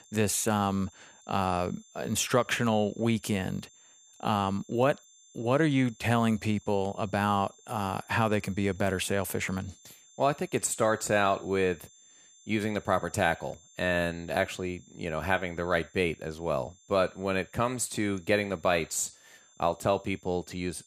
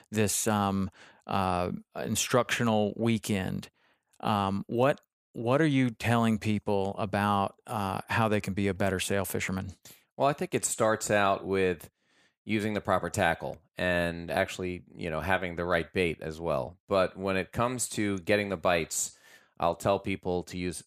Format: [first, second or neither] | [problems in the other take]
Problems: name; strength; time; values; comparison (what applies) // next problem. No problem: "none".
second | high-pitched whine; faint; throughout; 7 kHz, 25 dB below the speech